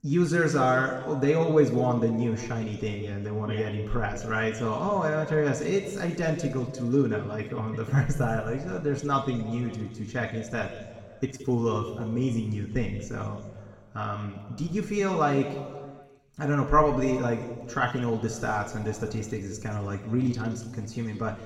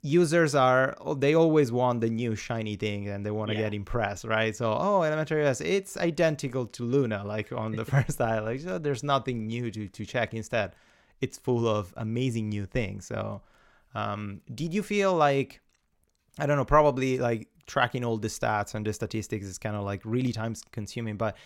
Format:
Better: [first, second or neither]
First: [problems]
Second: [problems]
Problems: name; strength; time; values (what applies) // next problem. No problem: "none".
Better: second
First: room echo; noticeable; dies away in 1.5 s // off-mic speech; somewhat distant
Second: none